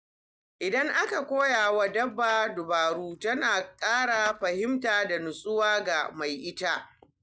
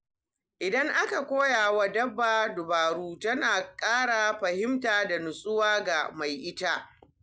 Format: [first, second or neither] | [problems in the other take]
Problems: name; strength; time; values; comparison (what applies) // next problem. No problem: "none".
second | noise reduction (neural mask model DeepFilterNet 3)